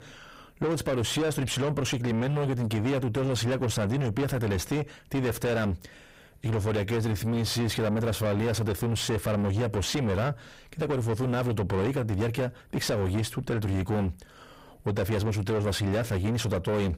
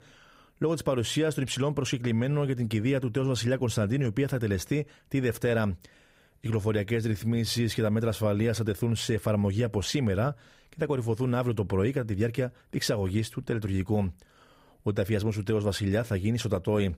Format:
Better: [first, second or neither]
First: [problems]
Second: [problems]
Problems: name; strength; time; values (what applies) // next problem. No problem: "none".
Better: second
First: distortion; heavy; 7 dB below the speech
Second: none